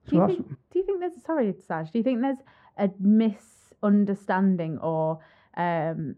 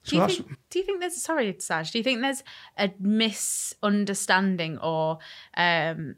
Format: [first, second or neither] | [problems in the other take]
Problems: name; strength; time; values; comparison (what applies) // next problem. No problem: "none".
second | muffled; very; fading above 2 kHz